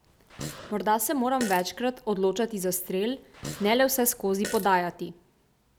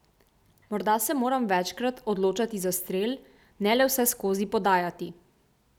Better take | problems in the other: second | background sound (Fart); 14 dB below the speech

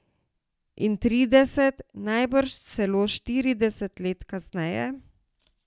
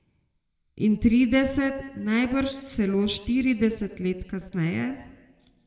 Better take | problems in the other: first | room echo; dies away in 1.1 s

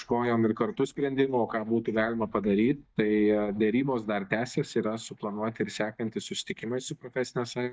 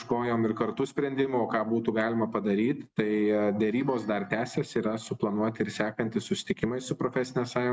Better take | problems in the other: second | noise reduction (neural mask model DeepFilterNet 3)

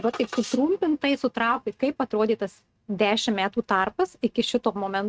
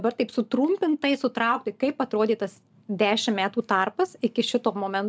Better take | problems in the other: second | noise reduction (neural mask model RNNoise)

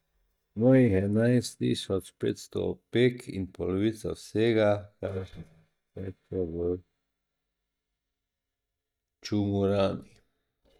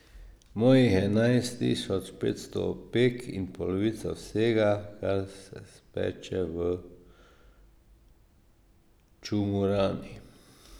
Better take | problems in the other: second | noise reduction (neural mask model DeepFilterNet 3)

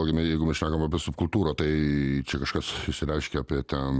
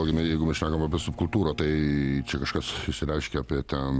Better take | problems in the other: first | background sound (Accelerating, revving, vroom + Bowed string instrument); 18 dB below the speech

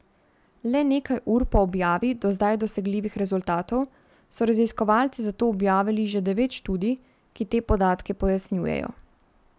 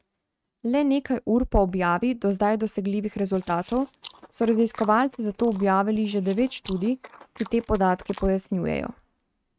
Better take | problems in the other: first | noise reduction (neural mask model RNNoise)

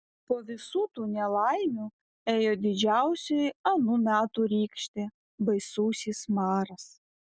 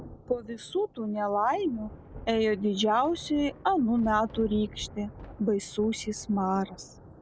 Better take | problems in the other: first | background sound (Thunder); 17 dB below the speech

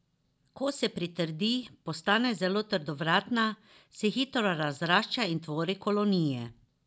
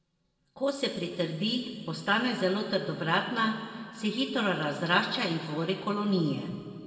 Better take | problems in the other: first | room echo; dies away in 2.1 s

